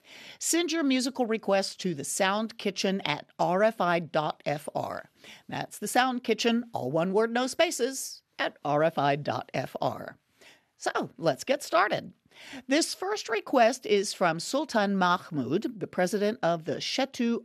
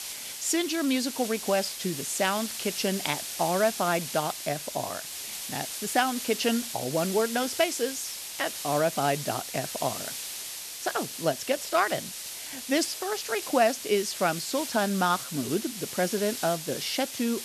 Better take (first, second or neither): first